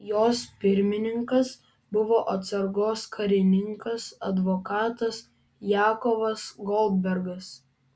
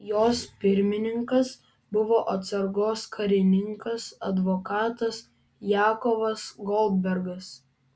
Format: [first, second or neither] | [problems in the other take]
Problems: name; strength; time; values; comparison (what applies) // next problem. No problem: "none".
first | background sound (Burping, eructation); 18 dB below the speech